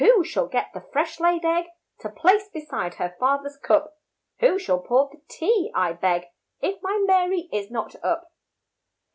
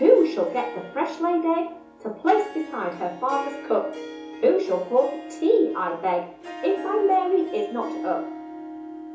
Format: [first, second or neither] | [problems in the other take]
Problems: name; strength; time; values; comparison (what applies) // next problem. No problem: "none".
first | background sound (Harp); 13 dB below the speech // room echo; dies away in 0.7 s